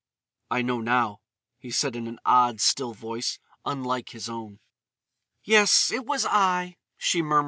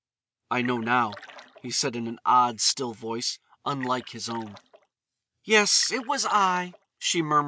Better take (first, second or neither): first